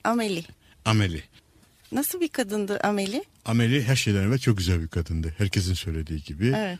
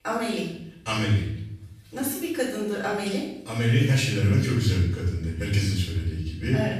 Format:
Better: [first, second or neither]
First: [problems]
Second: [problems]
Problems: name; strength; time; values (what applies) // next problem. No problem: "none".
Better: first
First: none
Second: off-mic speech; far // room echo; noticeable; dies away in 0.7 s